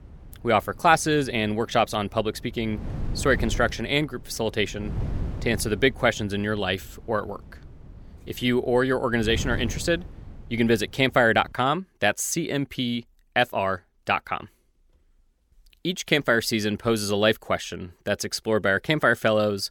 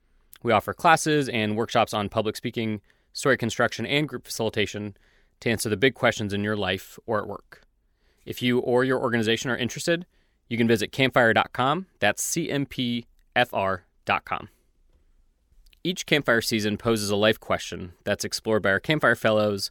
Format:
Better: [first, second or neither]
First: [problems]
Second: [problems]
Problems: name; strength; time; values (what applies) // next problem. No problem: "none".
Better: second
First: wind noise on the microphone; occasional gusts; until 12 s; 25 dB below the speech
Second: none